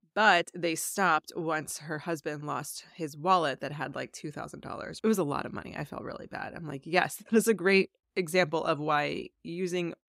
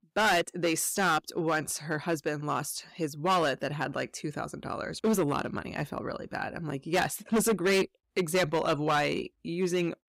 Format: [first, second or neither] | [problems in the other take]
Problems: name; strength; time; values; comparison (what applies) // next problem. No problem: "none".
first | distortion; heavy; 7% of the sound clipped